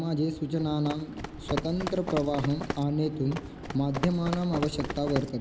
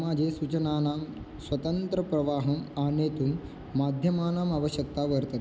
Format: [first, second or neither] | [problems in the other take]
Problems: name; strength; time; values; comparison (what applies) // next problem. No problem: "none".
second | background sound (Run); 8 dB below the speech